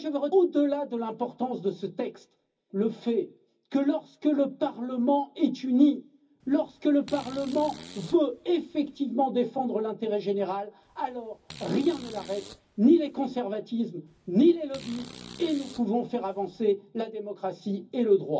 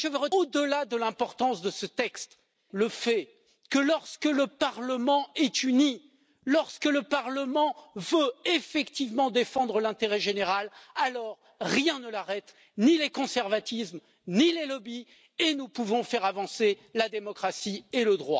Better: second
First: background sound (Fart); 20 dB below the speech // room echo; dies away in 0.4 s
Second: none

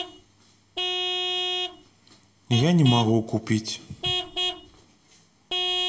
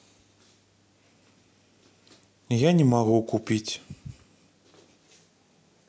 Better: second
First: background sound (Vehicle horn, car horn, honking / Truck); 3 dB below the speech // room echo; dies away in 0.8 s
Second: none

